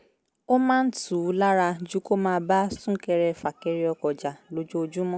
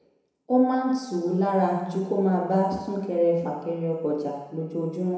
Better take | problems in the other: first | room echo; dies away in 1 s

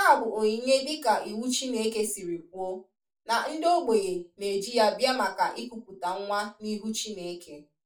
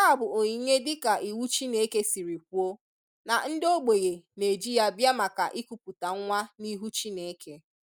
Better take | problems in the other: second | room echo; dies away in 0.3 s

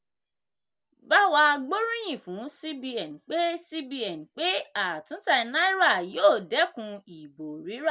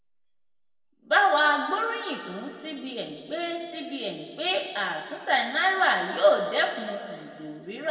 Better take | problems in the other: first | room echo; dies away in 2.2 s

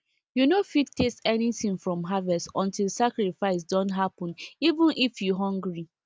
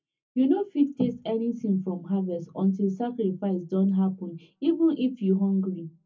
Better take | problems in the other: first | room echo; dies away in 0.3 s

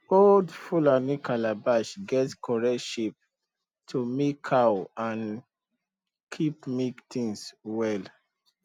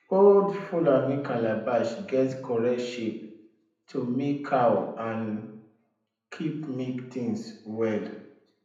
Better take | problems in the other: first | room echo; dies away in 0.7 s

